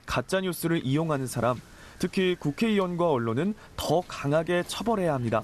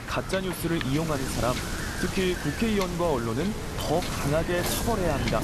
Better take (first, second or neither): first